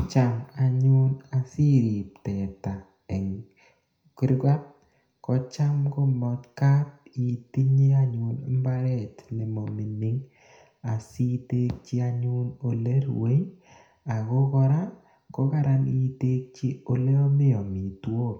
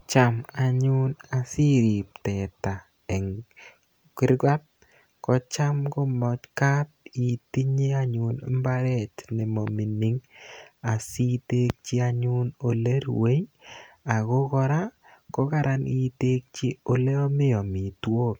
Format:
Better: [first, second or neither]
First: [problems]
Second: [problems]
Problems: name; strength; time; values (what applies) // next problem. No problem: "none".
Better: second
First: room echo; dies away in 0.4 s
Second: none